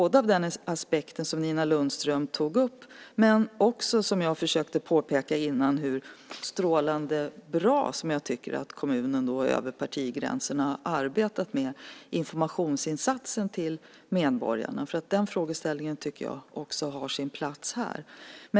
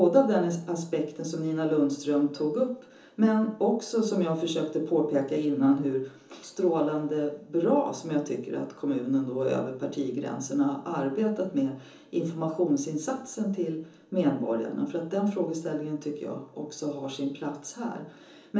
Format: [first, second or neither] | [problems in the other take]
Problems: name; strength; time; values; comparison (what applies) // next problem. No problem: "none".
first | room echo; dies away in 0.7 s